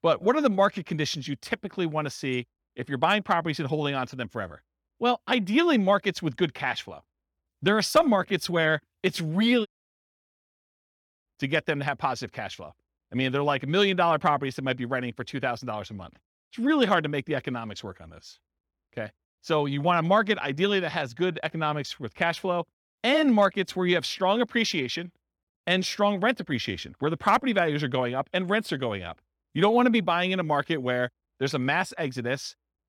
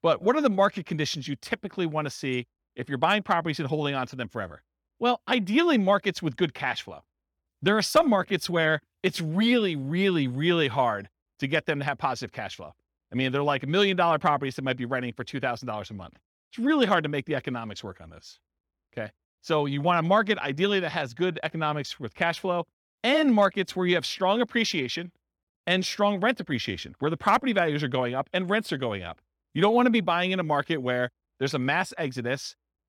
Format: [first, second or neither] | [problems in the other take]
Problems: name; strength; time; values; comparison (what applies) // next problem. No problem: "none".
second | audio cutting out; at 9.5 s for 1.5 s